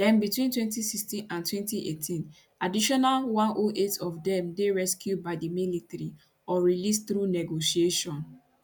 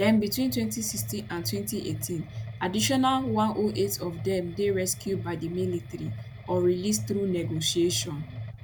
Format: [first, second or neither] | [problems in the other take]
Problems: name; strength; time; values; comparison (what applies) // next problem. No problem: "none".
first | background sound (Mechanisms); 10 dB below the speech